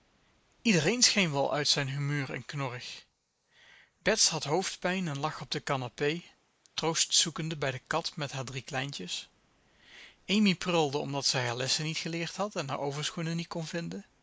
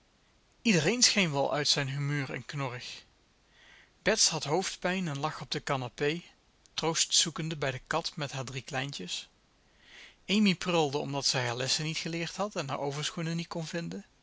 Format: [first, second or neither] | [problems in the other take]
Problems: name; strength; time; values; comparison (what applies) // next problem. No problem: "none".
second | noise reduction (neural mask model Resemble Enhance denoiser)